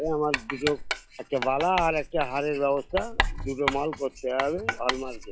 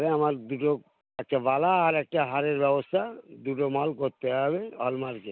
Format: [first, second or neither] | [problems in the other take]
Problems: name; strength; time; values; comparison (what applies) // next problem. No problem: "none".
second | noise reduction (classical method log-MMSE)